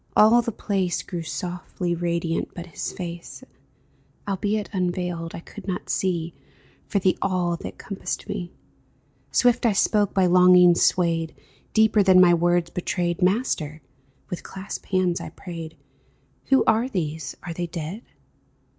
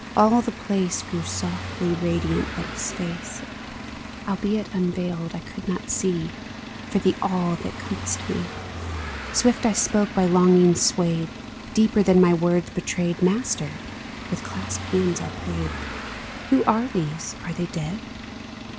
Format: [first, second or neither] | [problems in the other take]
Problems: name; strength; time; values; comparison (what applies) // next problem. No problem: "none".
first | background sound (Engine + Car passing by / Engine); 10 dB below the speech